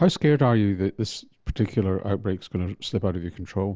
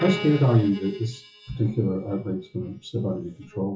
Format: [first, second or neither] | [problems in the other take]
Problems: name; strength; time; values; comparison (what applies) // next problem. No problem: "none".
first | noise reduction (classical method WPE with log-MMSE)